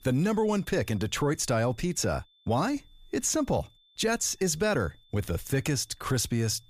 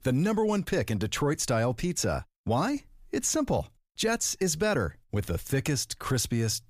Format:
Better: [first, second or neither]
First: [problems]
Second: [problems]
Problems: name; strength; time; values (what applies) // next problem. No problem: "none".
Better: second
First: high-pitched whine; faint; throughout; 3.5 kHz, 30 dB below the speech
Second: none